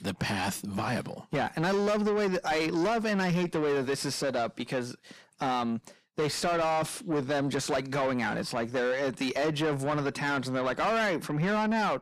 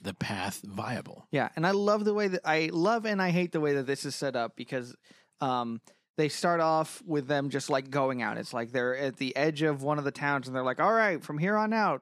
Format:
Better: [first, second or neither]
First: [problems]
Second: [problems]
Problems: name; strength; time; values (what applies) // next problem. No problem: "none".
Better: second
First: distortion; heavy; 7 dB below the speech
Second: none